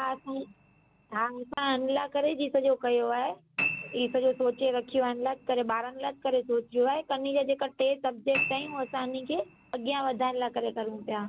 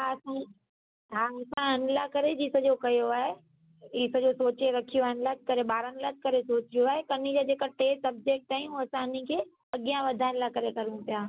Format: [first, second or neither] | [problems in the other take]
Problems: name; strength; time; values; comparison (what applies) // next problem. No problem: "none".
second | background sound (Piano); 13 dB below the speech